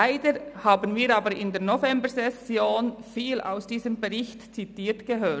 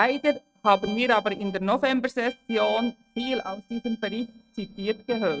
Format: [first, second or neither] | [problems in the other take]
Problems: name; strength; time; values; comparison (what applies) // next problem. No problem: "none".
first | noise reduction (neural mask model RNNoise)